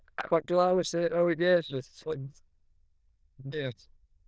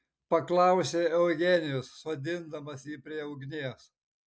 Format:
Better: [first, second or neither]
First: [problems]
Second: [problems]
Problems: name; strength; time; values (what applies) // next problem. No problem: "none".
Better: second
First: noise reduction (neural diffusion model UNIVERSE++)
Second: none